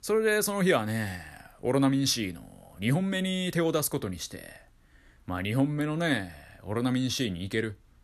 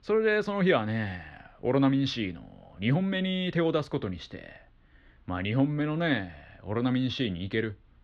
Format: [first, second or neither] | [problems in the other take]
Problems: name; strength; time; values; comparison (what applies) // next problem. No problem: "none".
first | muffled; slightly; fading above 3.5 kHz